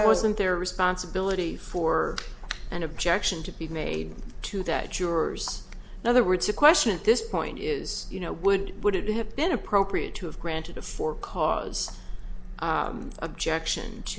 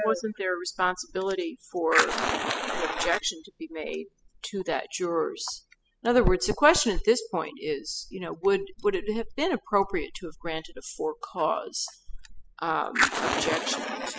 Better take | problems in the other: first | noise reduction (classical method spectral subtraction)

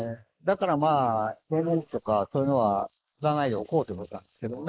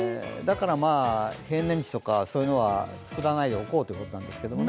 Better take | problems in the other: second | noise reduction (neural mask model Resemble Enhance denoiser)

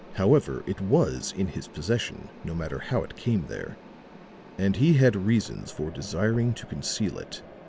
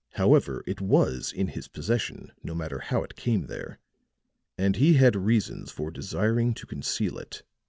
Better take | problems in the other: second | background sound (Mechanisms); 18 dB below the speech

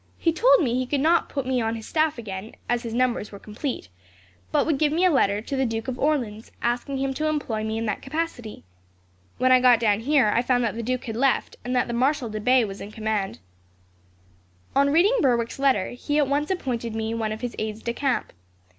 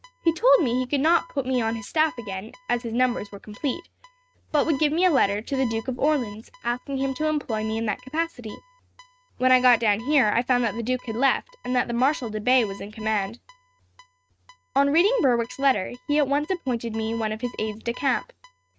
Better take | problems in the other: first | noise reduction (neural mask model RNNoise)

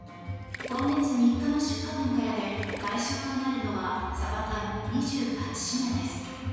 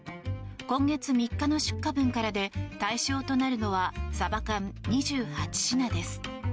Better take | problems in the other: second | background sound (Gurgling); 15 dB below the speech // room echo; dies away in 1.9 s

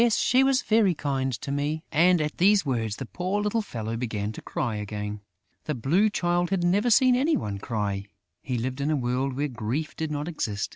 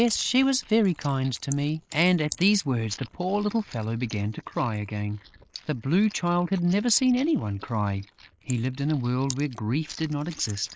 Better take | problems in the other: first | noise reduction (neural mask model Resemble Enhance denoiser)

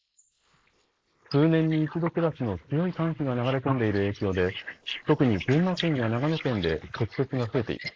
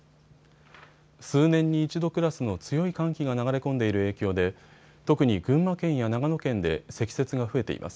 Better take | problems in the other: second | noise reduction (neural mask model Resemble Enhance denoiser)

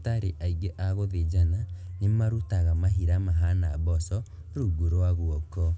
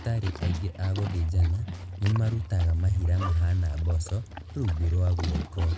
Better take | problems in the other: first | background sound (Livestock, farm animals, working animals); 15 dB below the speech

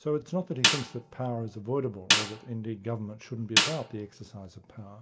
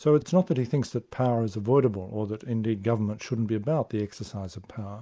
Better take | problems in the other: second | background sound (Snare drum); 3 dB above the speech // room echo; dies away in 1.6 s

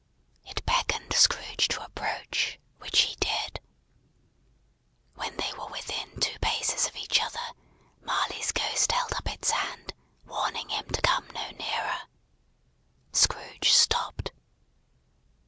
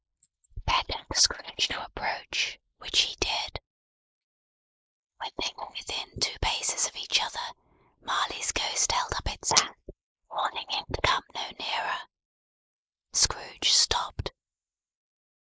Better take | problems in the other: first | noise reduction (neural mask model Resemble Enhance denoiser)

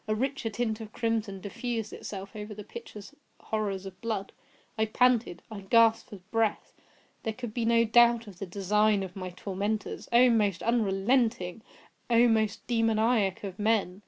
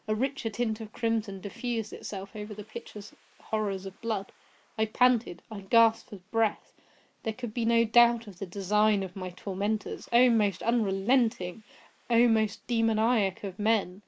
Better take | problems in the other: first | noise reduction (neural mask model Resemble Enhance denoiser)

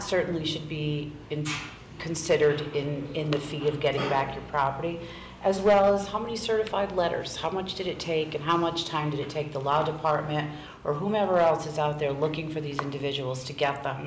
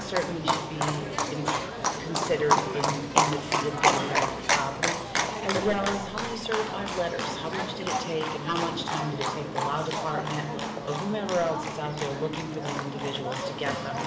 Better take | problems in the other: first | background sound (Livestock, farm animals, working animals); 2 dB above the speech // room echo; dies away in 1 s

